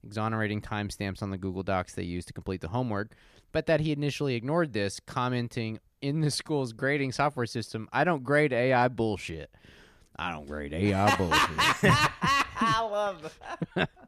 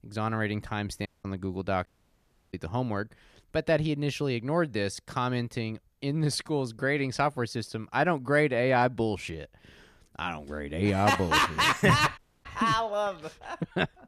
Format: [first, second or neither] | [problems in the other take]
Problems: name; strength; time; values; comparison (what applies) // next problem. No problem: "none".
first | audio cutting out; at 1 s, at 2 s for 0.5 s and at 12 s